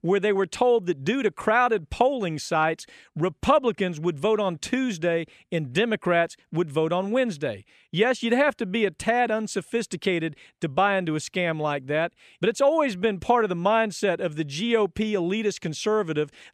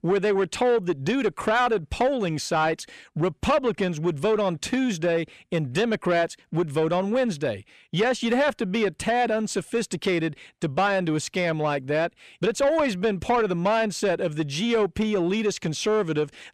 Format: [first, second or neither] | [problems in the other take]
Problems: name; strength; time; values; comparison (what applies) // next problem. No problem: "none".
first | distortion; slight; 10 dB below the speech